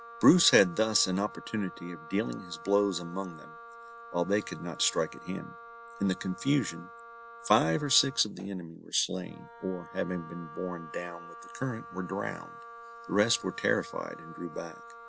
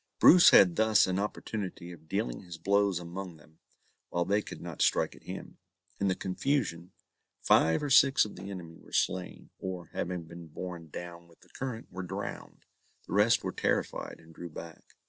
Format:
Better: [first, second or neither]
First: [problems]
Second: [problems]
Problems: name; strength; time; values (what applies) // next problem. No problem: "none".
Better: second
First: background sound (Wind instrument, woodwind instrument); 16 dB below the speech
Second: none